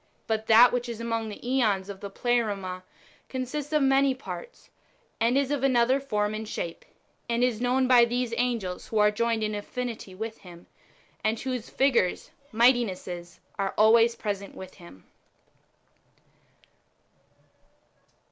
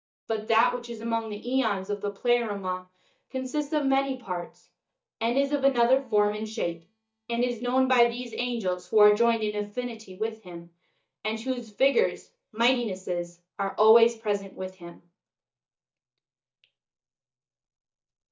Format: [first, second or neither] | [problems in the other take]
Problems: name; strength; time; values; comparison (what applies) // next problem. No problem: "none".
first | noise reduction (neural mask model DeepFilterNet 3)